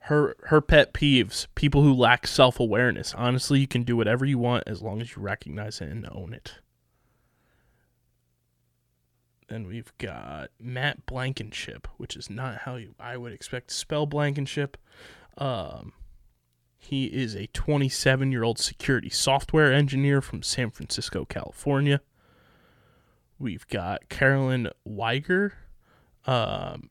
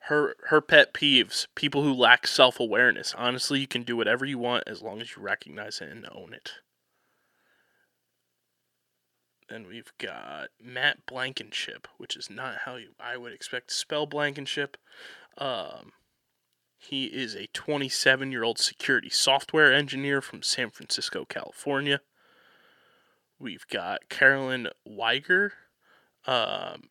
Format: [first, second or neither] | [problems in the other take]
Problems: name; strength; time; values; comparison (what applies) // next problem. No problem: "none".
first | thin; somewhat; fading below 300 Hz